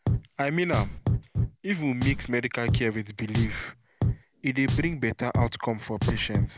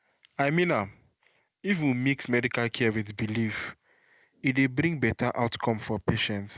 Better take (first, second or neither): second